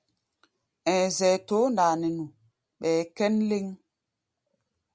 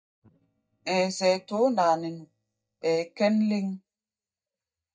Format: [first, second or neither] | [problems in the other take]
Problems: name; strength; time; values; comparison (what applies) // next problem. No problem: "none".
first | noise reduction (neural mask model DeepFilterNet 3)